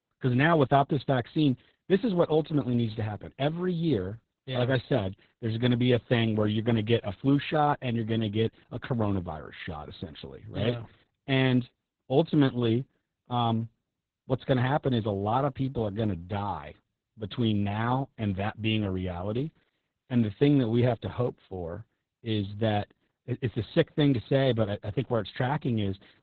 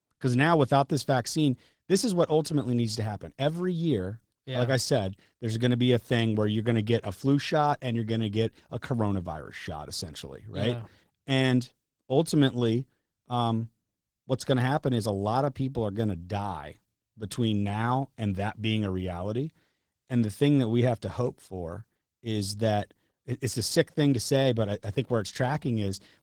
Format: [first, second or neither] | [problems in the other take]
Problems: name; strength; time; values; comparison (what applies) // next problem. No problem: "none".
second | garbled, watery; badly; nothing above 4 kHz; slightly in the second